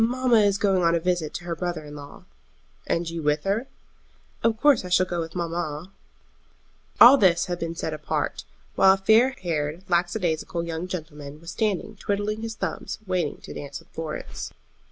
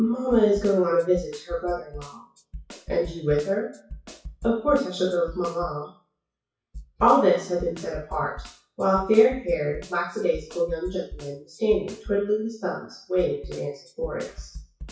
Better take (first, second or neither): first